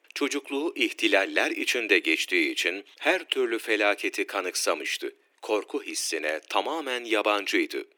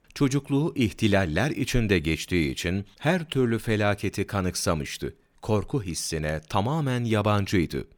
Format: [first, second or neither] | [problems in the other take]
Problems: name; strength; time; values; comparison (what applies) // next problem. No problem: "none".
second | thin; very; fading below 300 Hz